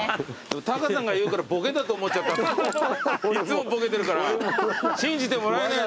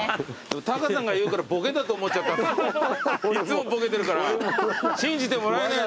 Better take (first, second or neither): second